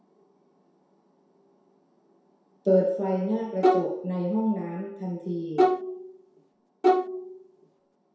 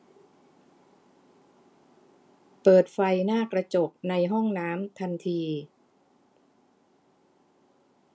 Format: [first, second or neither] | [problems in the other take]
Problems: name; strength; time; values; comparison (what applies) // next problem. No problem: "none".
second | background sound (Bowed string instrument); 4 dB above the speech // room echo; dies away in 0.7 s